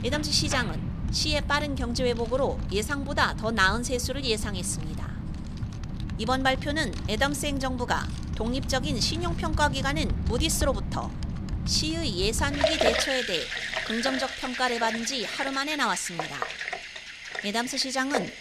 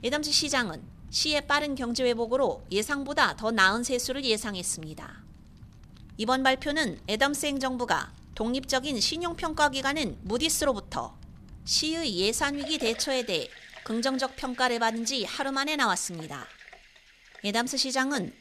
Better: second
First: household noises; loud; throughout; 5 dB below the speech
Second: household noises; faint; throughout; 20 dB below the speech

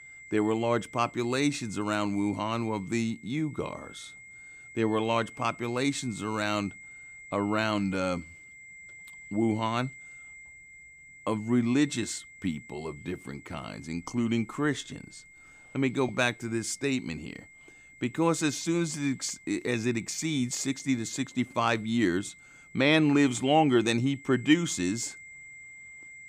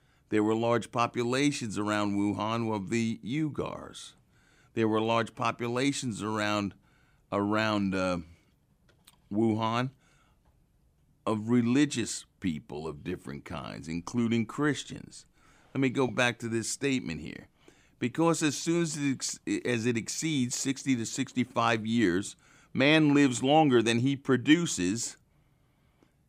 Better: second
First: high-pitched whine; noticeable; throughout; 2 kHz, 20 dB below the speech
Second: none

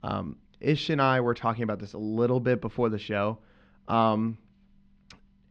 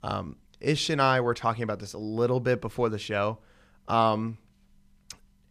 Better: second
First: muffled; very slightly; fading above 4 kHz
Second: none

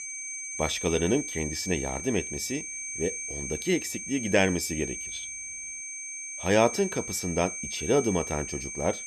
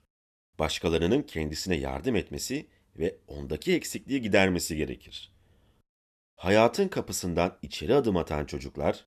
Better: second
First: high-pitched whine; loud; throughout; 6.5 kHz, 5 dB below the speech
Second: none

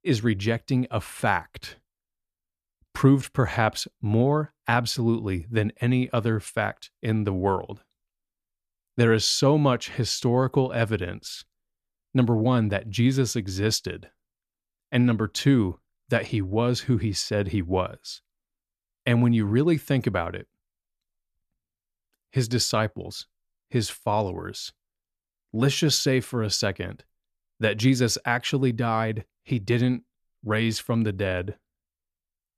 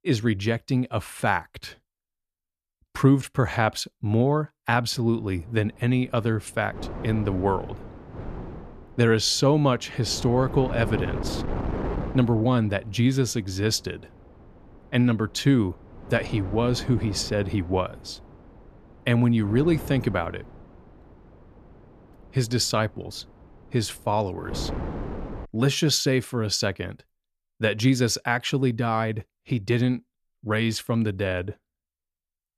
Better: first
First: none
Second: wind noise on the microphone; occasional gusts; from 5 to 25 s; 10 dB below the speech

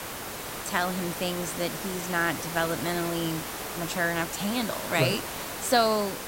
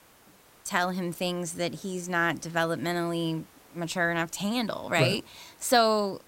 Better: second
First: hiss; loud; throughout; 5 dB below the speech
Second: hiss; faint; throughout; 25 dB below the speech

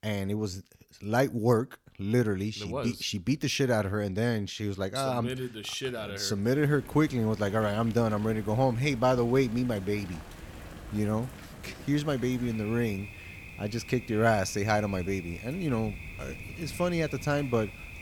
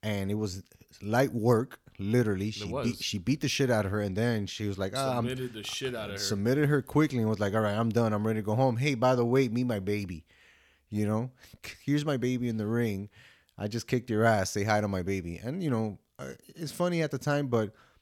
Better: second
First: rain or running water; noticeable; from 6.5 s on; 15 dB below the speech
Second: none

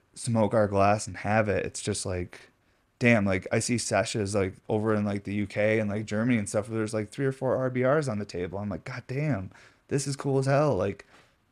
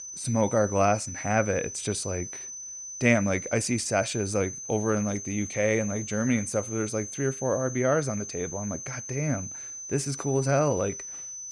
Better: first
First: none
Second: high-pitched whine; loud; throughout; 6 kHz, 8 dB below the speech

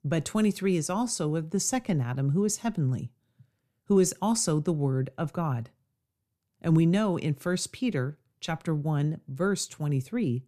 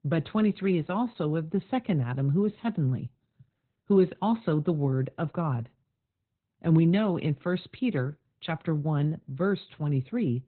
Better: first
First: none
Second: garbled, watery; badly; nothing above 4 kHz

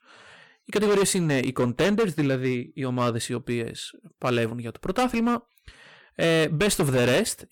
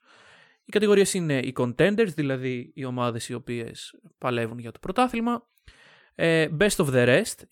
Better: second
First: distortion; heavy; 10% of the sound clipped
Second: none

